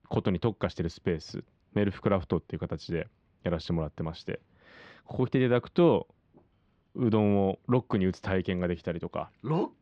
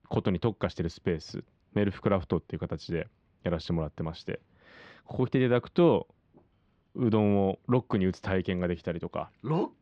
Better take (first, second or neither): neither